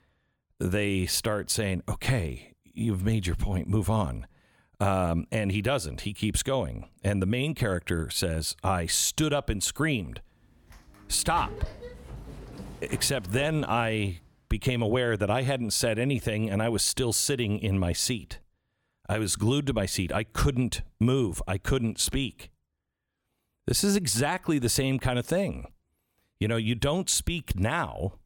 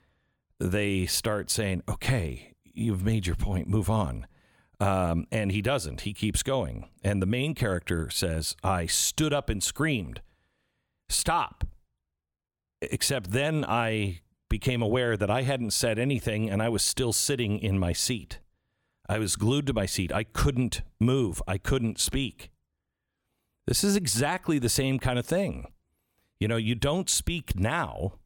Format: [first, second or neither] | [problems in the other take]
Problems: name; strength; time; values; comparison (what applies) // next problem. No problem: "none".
second | door banging; faint; from 11 to 14 s; peak 10 dB below the speech